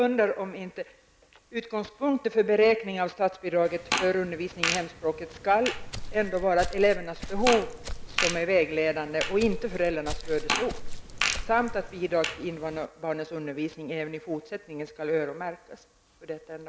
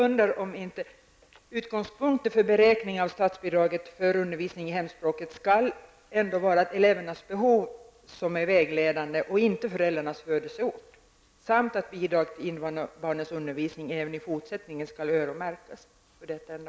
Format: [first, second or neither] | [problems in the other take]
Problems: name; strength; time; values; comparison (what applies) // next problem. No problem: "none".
second | background sound (Walk, footsteps + Fart); 5 dB below the speech